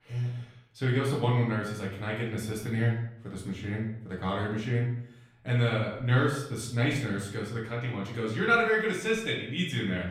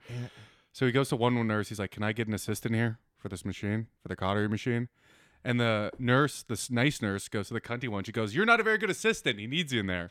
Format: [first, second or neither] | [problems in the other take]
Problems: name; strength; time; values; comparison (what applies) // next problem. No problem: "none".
second | off-mic speech; far // room echo; noticeable; dies away in 0.6 s